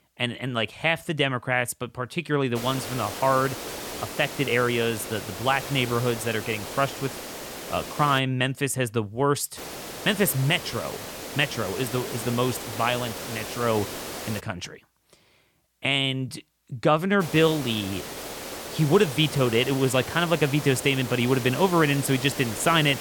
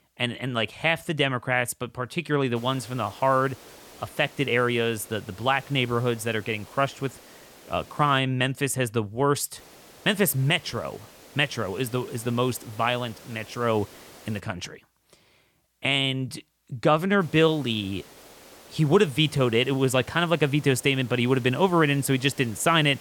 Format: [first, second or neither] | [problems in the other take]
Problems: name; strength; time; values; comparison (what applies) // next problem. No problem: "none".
second | hiss; loud; from 2.5 to 8 s, from 9.5 to 14 s and from 17 s on; 10 dB below the speech; faint in the second